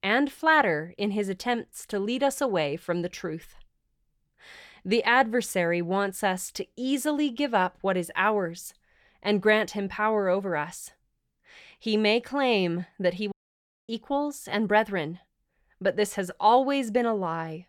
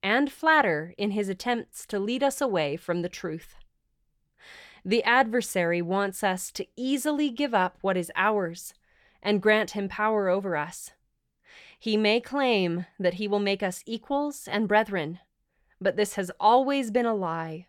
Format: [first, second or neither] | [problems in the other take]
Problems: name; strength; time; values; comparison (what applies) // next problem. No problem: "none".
second | audio cutting out; at 13 s for 0.5 s